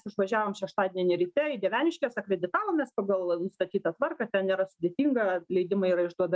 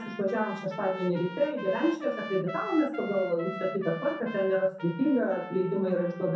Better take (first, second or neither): first